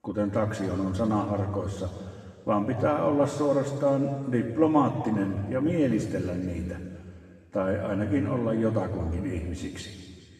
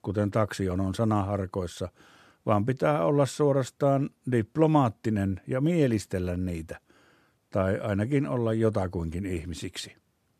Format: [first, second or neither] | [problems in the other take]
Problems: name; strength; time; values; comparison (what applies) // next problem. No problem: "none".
second | room echo; noticeable; dies away in 2.3 s // off-mic speech; far